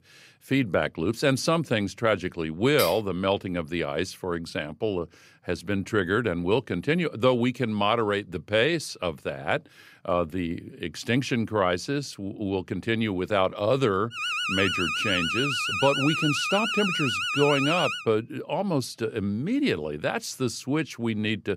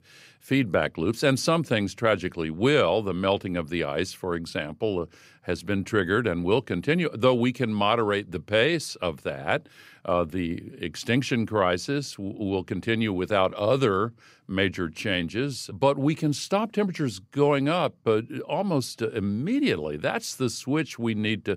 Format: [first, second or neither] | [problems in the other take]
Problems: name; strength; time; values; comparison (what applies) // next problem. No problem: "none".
second | clattering dishes; noticeable; at 3 s; peak 5 dB below the speech // alarm; loud; from 14 to 18 s; peak 1 dB above the speech